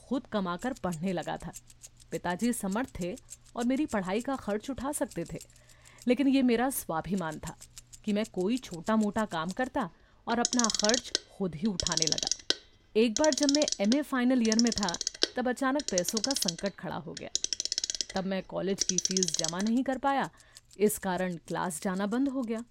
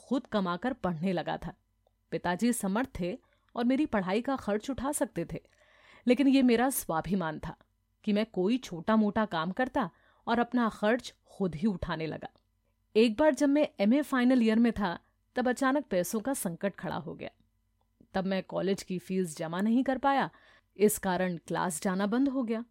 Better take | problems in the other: second | household noises; very loud; throughout; 1 dB above the speech

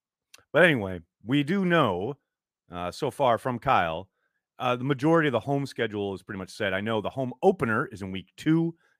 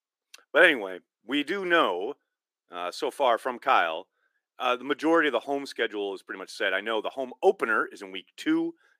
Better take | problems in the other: first | thin; somewhat; fading below 350 Hz

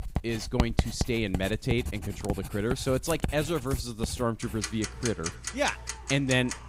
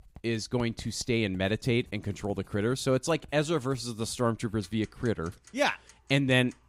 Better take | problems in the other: second | household noises; loud; throughout; 5 dB below the speech; faint in the second

